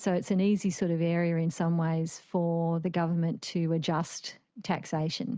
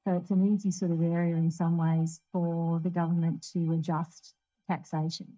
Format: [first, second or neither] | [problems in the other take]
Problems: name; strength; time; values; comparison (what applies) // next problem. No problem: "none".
first | noise reduction (neural mask model DeepFilterNet 3)